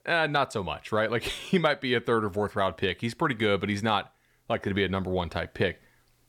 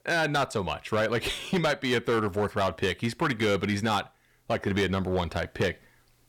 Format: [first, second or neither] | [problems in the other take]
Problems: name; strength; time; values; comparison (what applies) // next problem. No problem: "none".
first | distortion; slight; 8% of the sound clipped